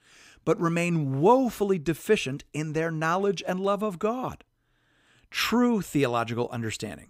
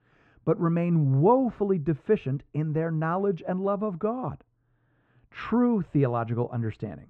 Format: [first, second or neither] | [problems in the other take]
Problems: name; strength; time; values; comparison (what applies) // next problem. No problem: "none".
first | muffled; very; fading above 1 kHz